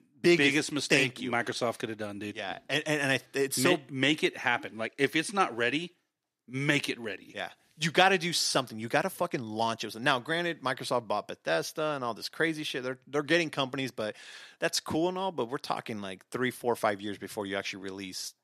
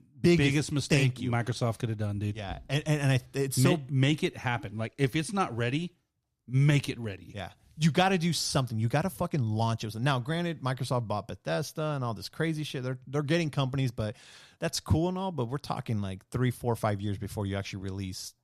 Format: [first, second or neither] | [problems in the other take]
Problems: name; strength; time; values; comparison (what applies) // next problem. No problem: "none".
second | thin; somewhat; fading below 350 Hz